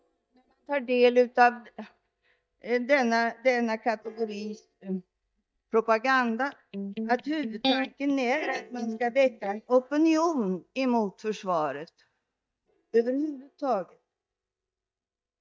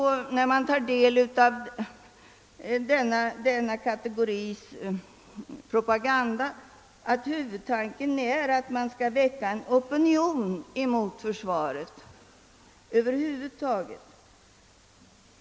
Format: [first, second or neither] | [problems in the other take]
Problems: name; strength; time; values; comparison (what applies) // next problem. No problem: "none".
second | noise reduction (neural mask model DeepFilterNet 3)